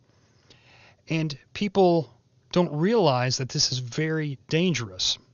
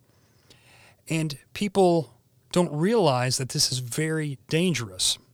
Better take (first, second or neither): second